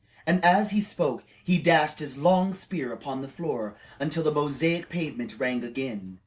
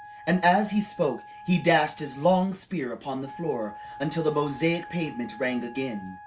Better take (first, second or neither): first